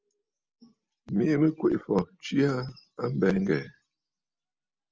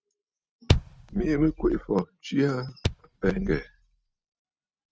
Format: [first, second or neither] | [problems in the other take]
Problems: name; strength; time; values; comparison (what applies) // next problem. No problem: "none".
first | noise reduction (neural mask model RNNoise)